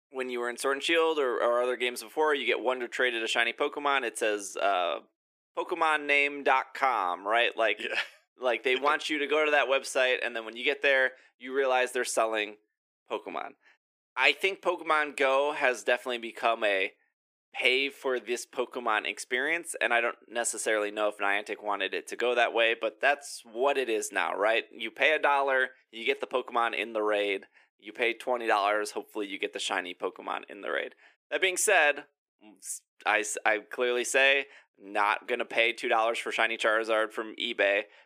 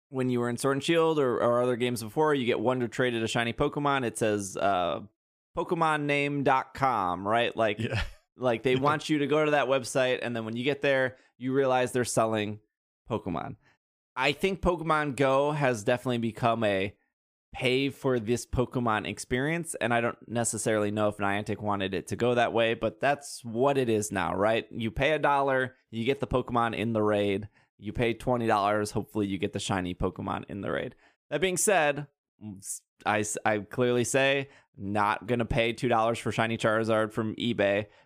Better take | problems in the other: second | thin; somewhat; fading below 350 Hz

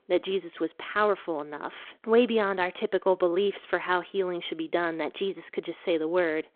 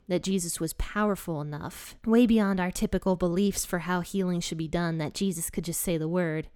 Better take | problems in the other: second | phone-call audio

